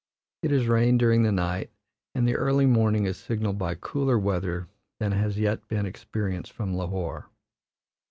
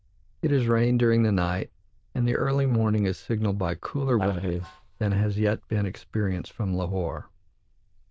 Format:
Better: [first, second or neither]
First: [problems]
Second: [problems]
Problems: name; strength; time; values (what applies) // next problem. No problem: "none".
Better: first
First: none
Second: noise reduction (neural diffusion model UNIVERSE++)